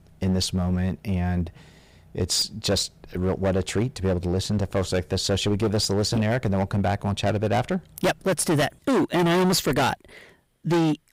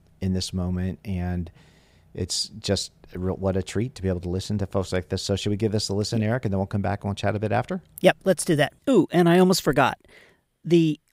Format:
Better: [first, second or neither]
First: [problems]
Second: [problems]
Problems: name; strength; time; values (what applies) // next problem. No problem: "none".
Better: second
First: distortion; heavy; 15% of the sound clipped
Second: none